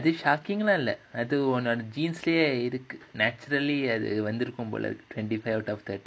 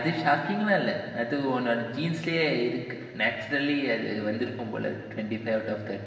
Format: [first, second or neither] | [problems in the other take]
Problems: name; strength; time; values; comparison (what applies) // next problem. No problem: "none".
first | room echo; dies away in 1.6 s